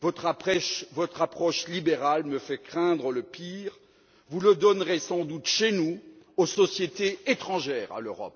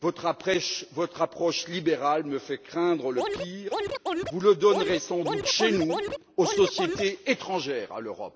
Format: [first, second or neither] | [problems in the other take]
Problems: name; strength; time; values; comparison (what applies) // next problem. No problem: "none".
first | background sound (Scratching (performance technique)); 3 dB below the speech